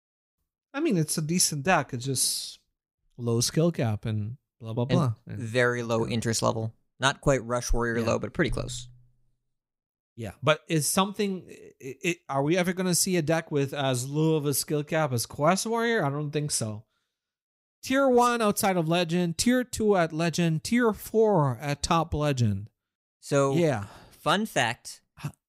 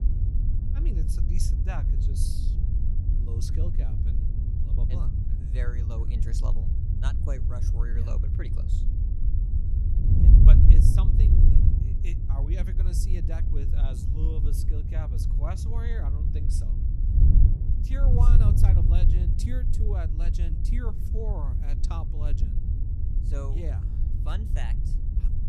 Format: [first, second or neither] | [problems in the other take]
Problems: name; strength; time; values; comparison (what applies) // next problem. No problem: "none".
first | wind noise on the microphone; heavy; 1 dB above the speech